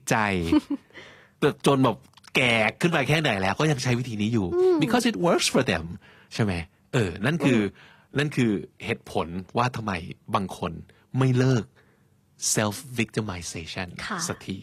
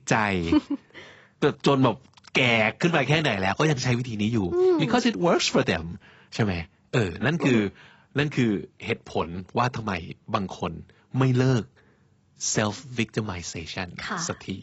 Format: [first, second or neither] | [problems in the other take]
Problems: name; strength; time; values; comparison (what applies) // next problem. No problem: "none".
first | garbled, watery; badly; nothing above 7.5 kHz; slightly in the first